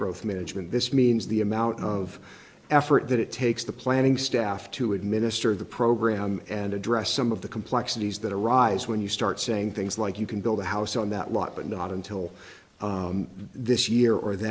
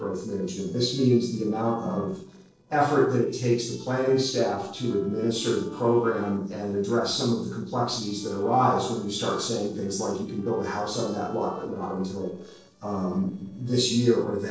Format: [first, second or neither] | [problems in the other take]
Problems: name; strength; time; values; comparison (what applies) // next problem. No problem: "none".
first | noise reduction (neural separator model SepFormer DNS4)